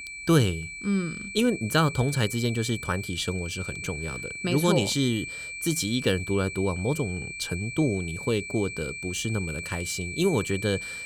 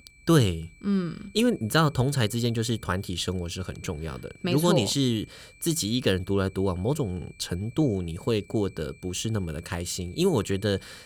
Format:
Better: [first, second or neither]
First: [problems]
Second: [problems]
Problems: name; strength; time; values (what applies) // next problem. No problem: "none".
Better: second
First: high-pitched whine; loud; throughout; 2.5 kHz, 8 dB below the speech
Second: high-pitched whine; faint; throughout; 2.5 kHz, 25 dB below the speech